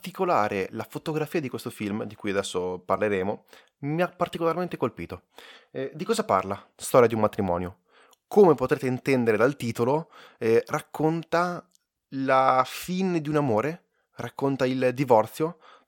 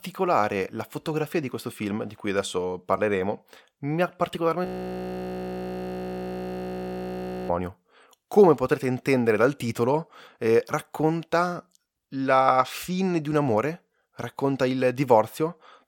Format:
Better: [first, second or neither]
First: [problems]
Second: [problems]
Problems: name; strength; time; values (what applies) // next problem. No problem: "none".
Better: first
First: none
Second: audio freezing; at 4.5 s for 3 s